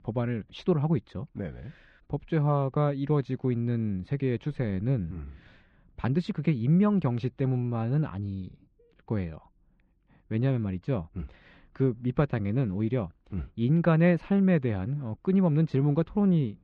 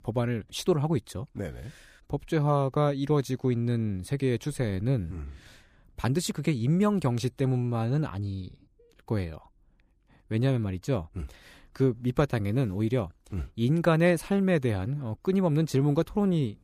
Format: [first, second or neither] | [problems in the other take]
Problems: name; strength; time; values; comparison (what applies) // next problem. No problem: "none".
second | muffled; slightly; fading above 3 kHz